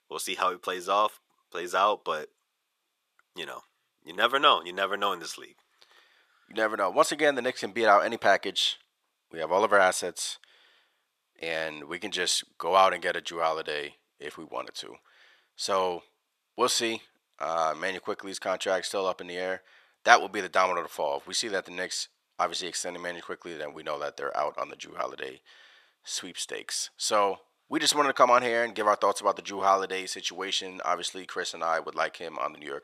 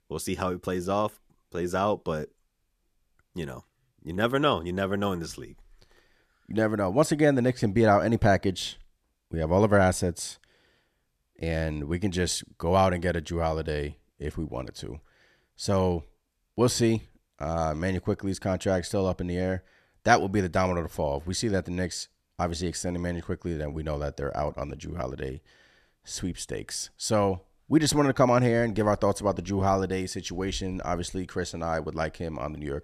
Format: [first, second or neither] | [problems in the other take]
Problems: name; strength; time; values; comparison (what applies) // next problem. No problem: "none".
second | thin; very; fading below 550 Hz